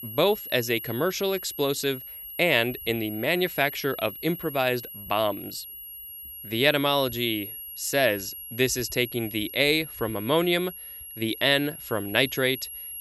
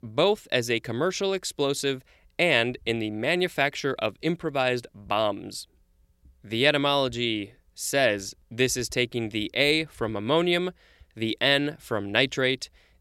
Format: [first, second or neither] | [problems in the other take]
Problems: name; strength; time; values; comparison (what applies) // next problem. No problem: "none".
second | high-pitched whine; noticeable; throughout; 11.5 kHz, 10 dB below the speech